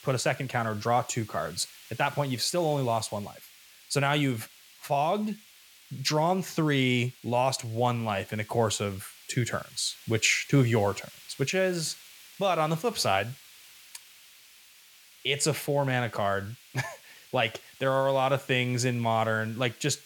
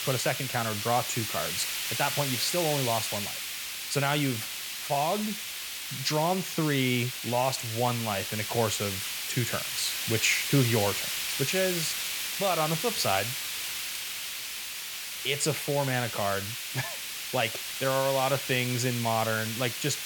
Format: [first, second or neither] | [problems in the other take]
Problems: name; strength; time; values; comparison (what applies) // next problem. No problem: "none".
first | hiss; loud; throughout; 2 dB below the speech; faint in the first